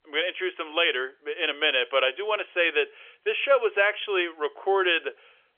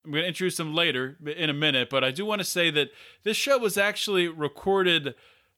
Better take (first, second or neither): second